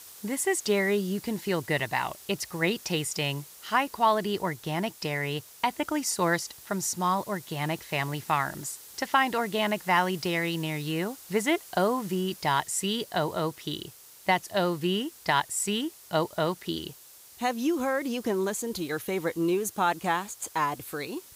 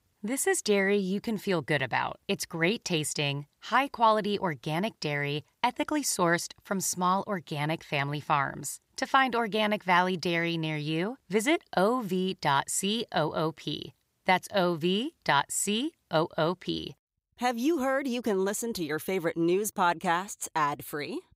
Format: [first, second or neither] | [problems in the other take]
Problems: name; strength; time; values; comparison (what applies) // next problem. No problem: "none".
second | hiss; noticeable; throughout; 20 dB below the speech